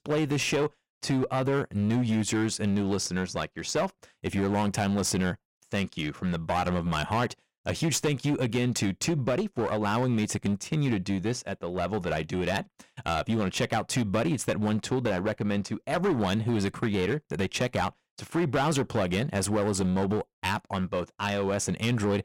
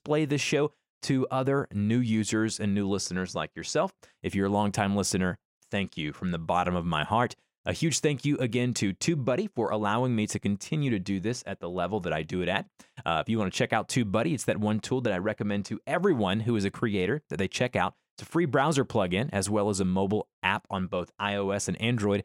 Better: second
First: distortion; slight; 13% of the sound clipped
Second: none

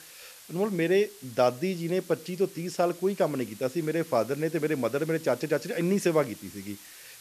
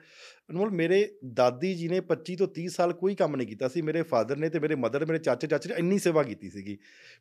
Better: second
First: hiss; noticeable; throughout; 20 dB below the speech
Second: none

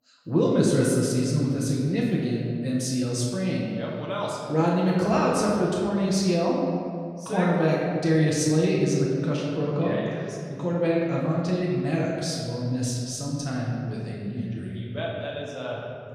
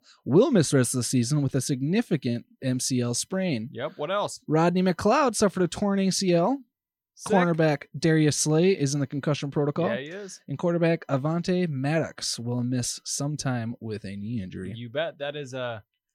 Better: second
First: room echo; noticeable; dies away in 2 s // off-mic speech; far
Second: none

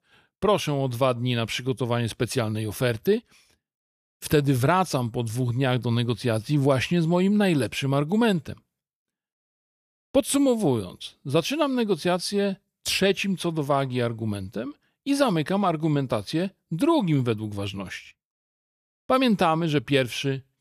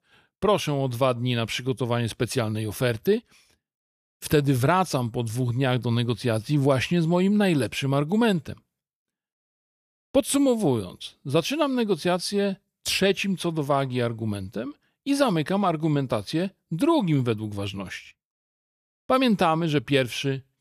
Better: neither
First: none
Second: none

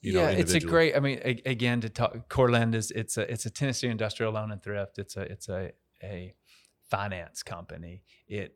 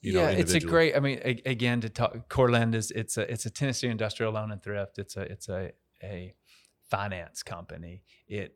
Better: neither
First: none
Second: none

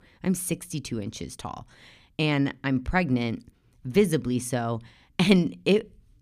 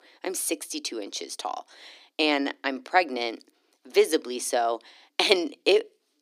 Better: first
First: none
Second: thin; very; fading below 300 Hz

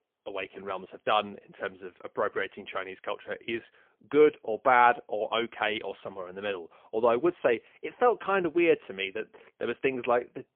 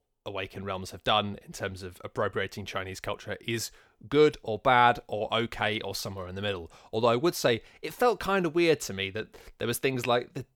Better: second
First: phone-call audio; poor line; nothing above 3.5 kHz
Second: none

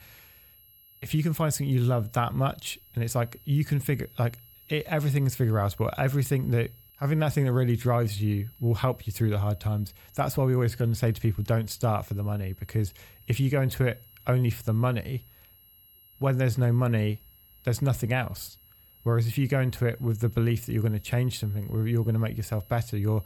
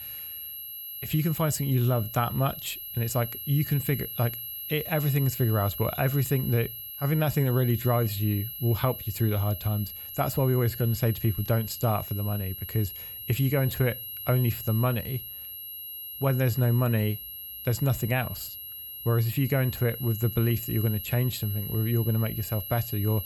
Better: first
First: high-pitched whine; faint; throughout; 11.5 kHz, 25 dB below the speech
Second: high-pitched whine; loud; throughout; 11.5 kHz, 8 dB below the speech

